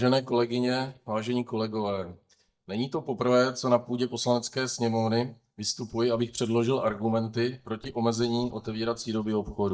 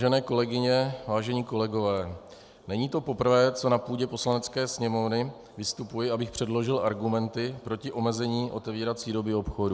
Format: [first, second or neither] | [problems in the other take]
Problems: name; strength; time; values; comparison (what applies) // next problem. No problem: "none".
second | noise reduction (neural mask model DeepFilterNet 3)